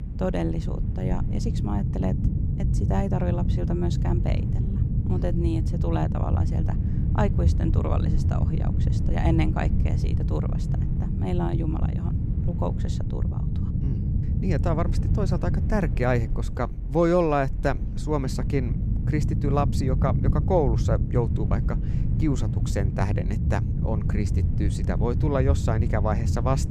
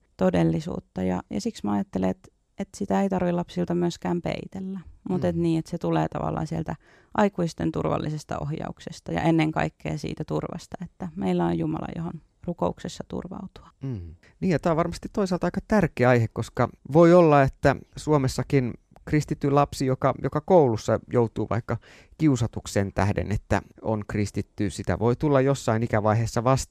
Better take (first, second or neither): second